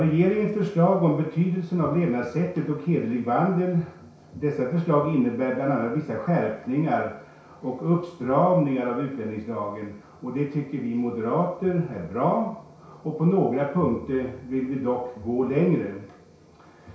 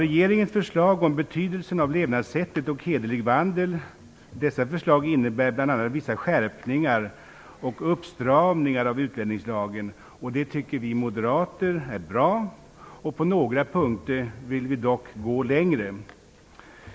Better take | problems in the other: second | room echo; dies away in 0.6 s

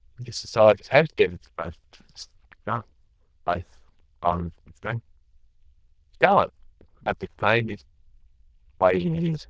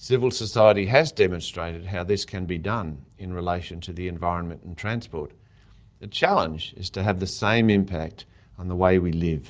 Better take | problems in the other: second | noise reduction (neural diffusion model UNIVERSE++)

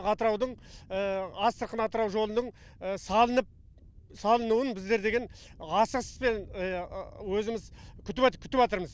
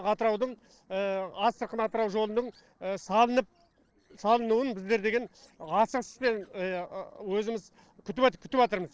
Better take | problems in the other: first | noise reduction (neural separator model SepFormer DNS4)

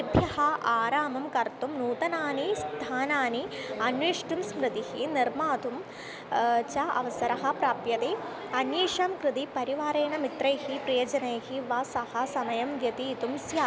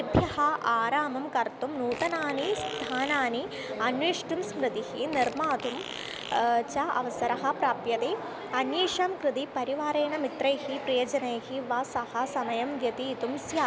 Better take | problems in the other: first | background sound (Fart); 13 dB below the speech

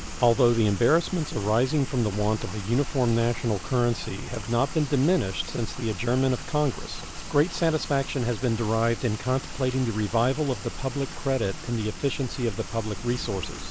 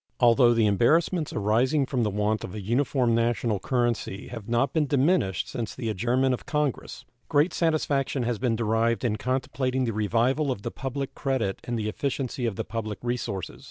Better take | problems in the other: second | background sound (Rain); 10 dB below the speech

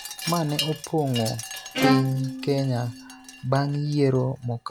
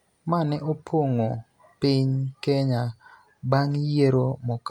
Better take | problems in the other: second | background sound (Wind chime + Bowed string instrument); 6 dB below the speech

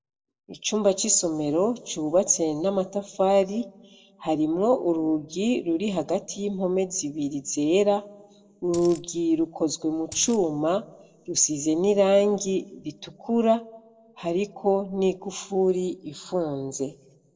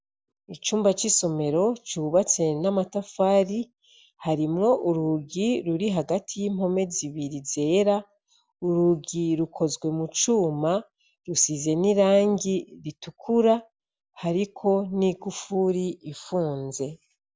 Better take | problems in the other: second | noise reduction (neural separator model SepFormer DNS4)

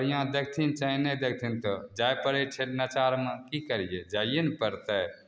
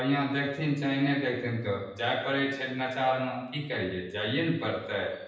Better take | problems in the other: first | room echo; dies away in 0.9 s

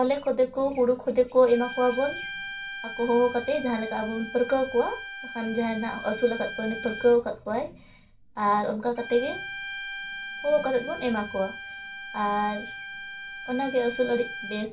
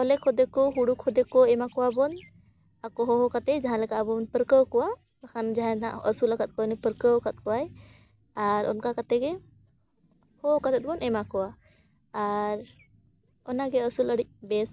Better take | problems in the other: second | background sound (Bowed string instrument); 12 dB below the speech // room echo; dies away in 0.3 s

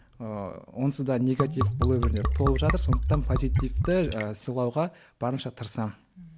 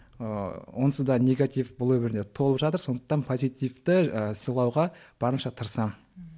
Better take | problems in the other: second | background sound (Liquid); 3 dB above the speech

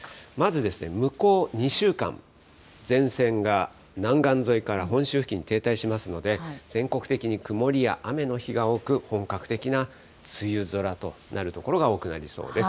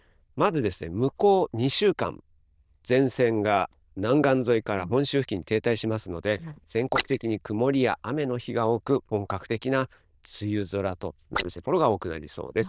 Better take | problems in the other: first | noise reduction (neural diffusion model UNIVERSE++)

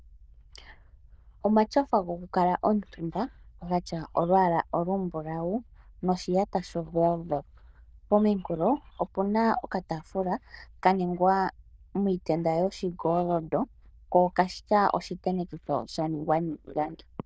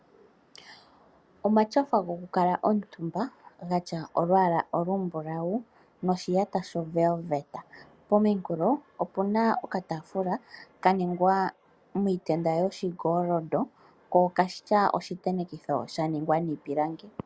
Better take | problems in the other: second | noise reduction (neural diffusion model UNIVERSE++)

